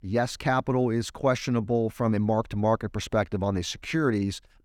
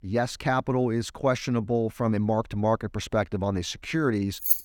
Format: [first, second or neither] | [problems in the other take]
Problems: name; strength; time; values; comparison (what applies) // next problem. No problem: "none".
first | jangling keys; loud; at 4.5 s; peak 3 dB above the speech